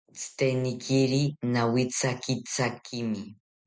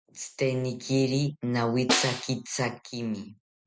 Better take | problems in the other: first | background sound (Snare drum); 4 dB below the speech

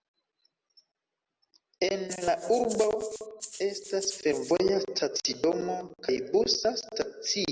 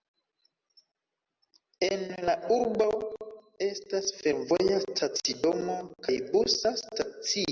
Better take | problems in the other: second | background sound (Rattle (instrument)); 14 dB below the speech

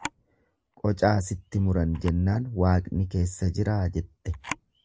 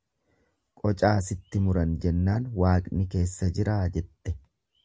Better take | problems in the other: second | noise reduction (neural mask model Resemble Enhance denoiser)

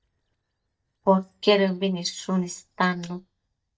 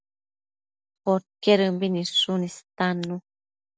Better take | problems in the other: second | noise reduction (neural mask model DeepFilterNet 3)

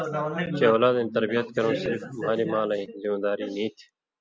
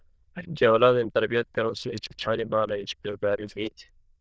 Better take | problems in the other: first | noise reduction (neural diffusion model UNIVERSE++)

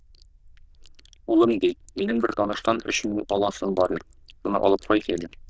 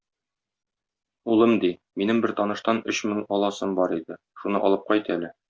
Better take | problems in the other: second | noise reduction (neural diffusion model UNIVERSE++)

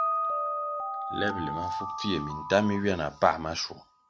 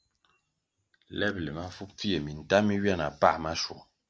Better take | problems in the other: second | background sound (Piano + Alarm); 3 dB below the speech

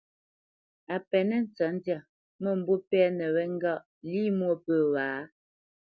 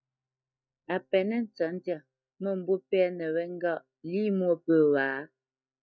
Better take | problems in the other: first | noise reduction (neural mask model DeepFilterNet 3)

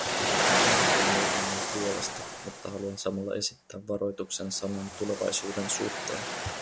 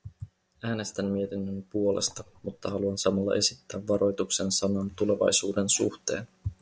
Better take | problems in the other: second | background sound (Waves, surf); 4 dB above the speech

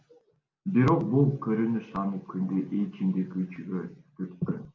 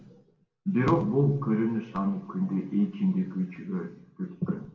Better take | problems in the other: first | room echo; dies away in 0.5 s

